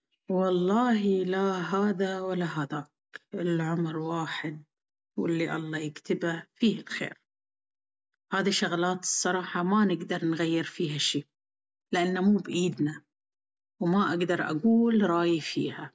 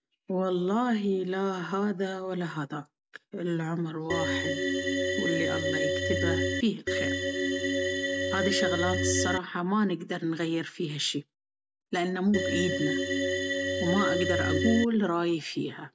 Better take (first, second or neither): first